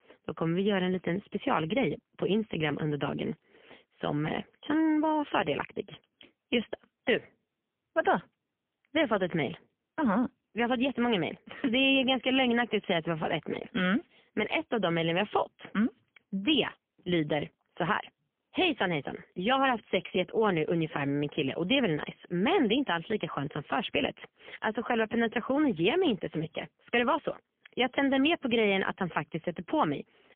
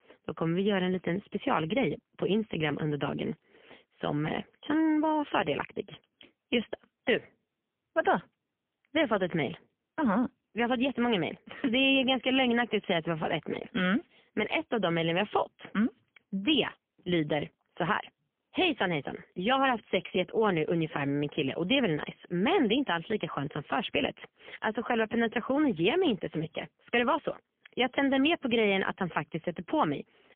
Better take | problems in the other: neither | phone-call audio; poor line; nothing above 3.5 kHz; the same in both

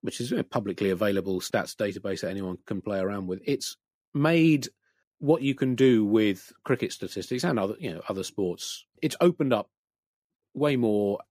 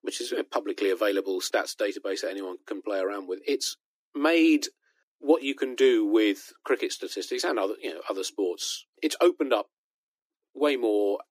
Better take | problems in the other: first | thin; somewhat; fading below 300 Hz

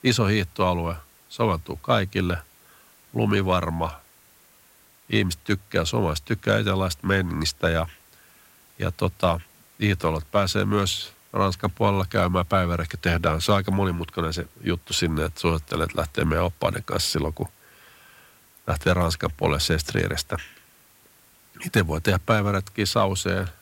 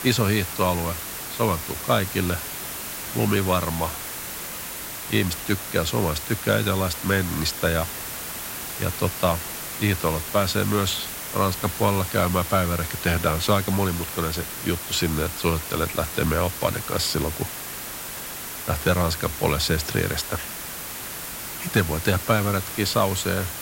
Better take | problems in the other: first | hiss; loud; throughout; 6 dB below the speech; faint in the first

